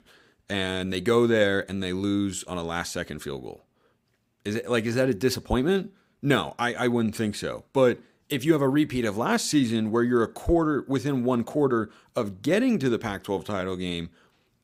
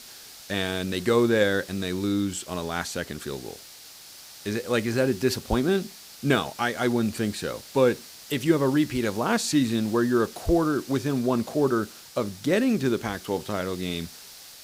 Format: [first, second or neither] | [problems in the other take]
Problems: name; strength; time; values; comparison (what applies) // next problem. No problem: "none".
first | hiss; noticeable; throughout; 15 dB below the speech